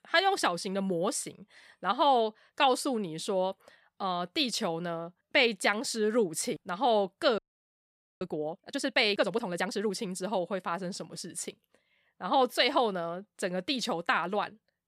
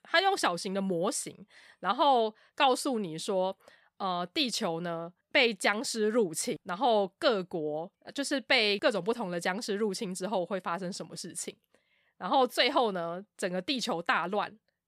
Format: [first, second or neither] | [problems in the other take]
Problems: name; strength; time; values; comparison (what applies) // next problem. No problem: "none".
second | audio freezing; at 7.5 s for 1 s